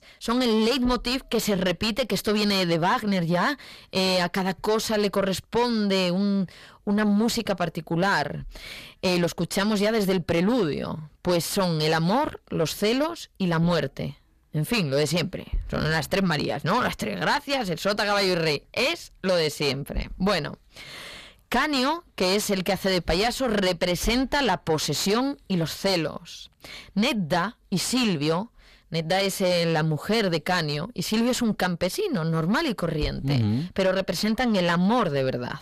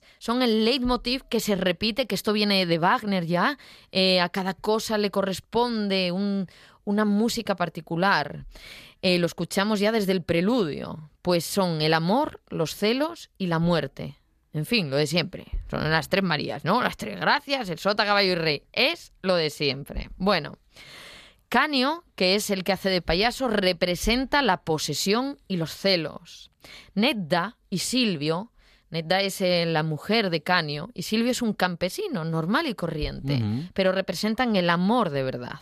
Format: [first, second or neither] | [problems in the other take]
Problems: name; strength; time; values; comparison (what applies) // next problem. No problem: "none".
second | distortion; heavy; 7 dB below the speech